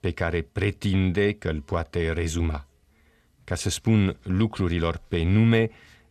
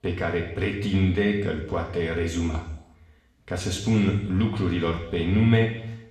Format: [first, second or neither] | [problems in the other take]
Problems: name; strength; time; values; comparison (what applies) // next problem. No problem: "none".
first | room echo; noticeable; dies away in 0.9 s // off-mic speech; somewhat distant